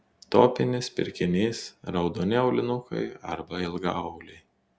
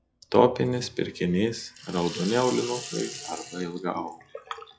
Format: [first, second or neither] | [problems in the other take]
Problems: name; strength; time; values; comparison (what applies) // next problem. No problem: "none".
first | noise reduction (classical method log-MMSE)